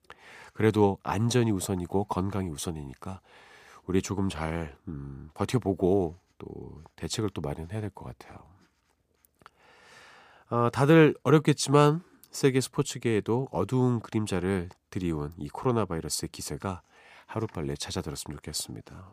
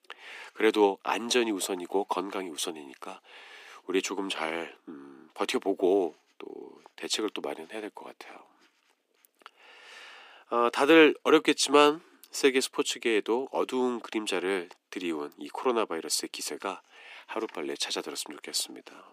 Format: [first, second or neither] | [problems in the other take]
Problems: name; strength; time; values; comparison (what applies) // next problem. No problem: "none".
first | thin; somewhat; fading below 300 Hz